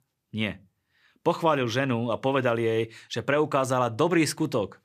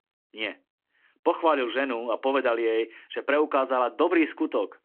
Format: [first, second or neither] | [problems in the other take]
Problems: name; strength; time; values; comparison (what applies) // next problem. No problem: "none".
first | phone-call audio